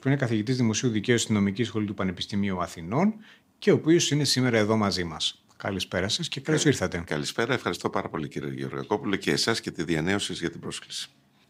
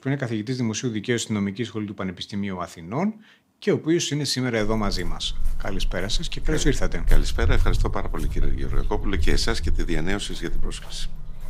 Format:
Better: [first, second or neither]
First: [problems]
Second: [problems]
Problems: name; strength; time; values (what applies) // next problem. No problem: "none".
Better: first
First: none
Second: footsteps; loud; from 4.5 s on; peak 2 dB above the speech